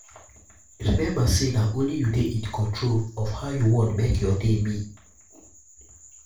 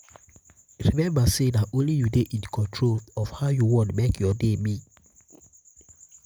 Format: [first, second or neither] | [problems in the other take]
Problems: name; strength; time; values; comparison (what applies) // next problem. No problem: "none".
second | room echo; dies away in 0.3 s